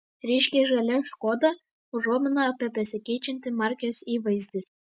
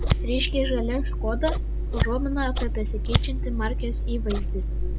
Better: first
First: none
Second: background sound (Scissors); 5 dB above the speech

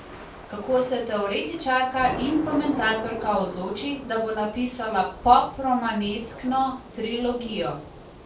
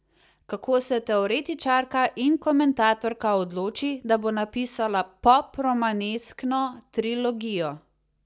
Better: second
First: background sound (Thunder / Rain); 13 dB below the speech // room echo; dies away in 0.3 s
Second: none

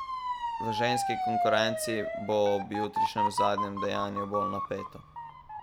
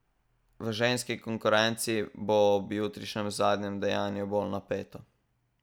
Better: second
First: background sound (Motor vehicle (road) / Siren); as loud as the speech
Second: none

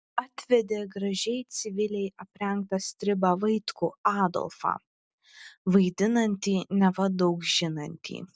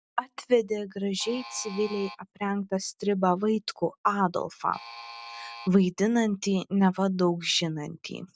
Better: first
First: none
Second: background sound (Alarm); 15 dB below the speech

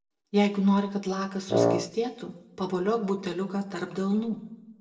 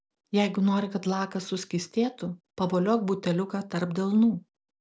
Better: second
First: background sound (Wind instrument, woodwind instrument); 2 dB above the speech // room echo; dies away in 0.7 s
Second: none

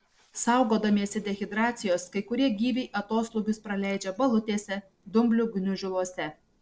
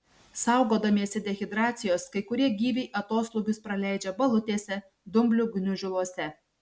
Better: second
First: noise reduction (neural separator model SepFormer DNS4)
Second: none

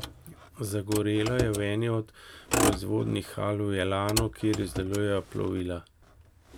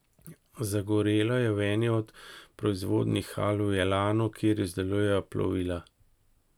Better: second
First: background sound (Motor vehicle (road)); 6 dB below the speech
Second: none

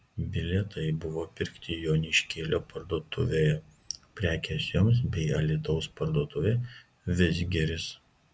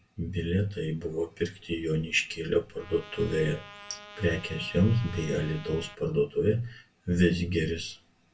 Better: first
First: none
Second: background sound (Trumpet); 18 dB below the speech // room echo; dies away in 0.2 s

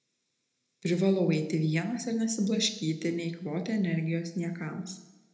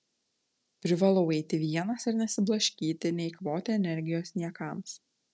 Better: second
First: room echo; dies away in 0.8 s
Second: none

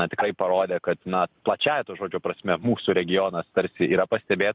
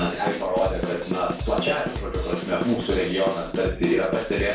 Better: first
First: none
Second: background sound (Drum / Drum kit); 6 dB below the speech // room echo; dies away in 0.4 s

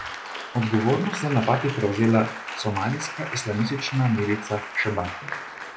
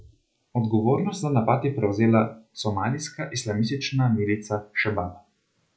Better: second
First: background sound (Applause); 9 dB below the speech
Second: none

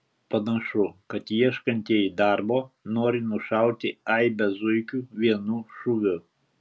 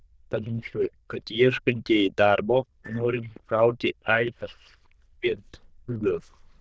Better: first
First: none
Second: noise reduction (neural diffusion model UNIVERSE++)

